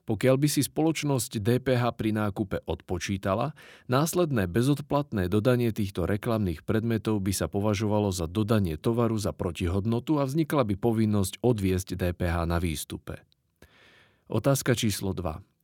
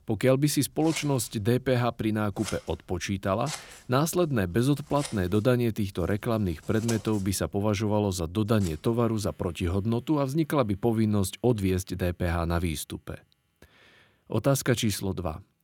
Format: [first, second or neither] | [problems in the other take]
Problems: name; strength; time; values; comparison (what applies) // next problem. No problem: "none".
first | household noises; noticeable; throughout; 15 dB below the speech